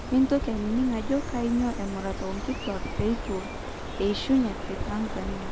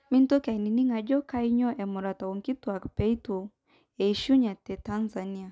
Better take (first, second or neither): second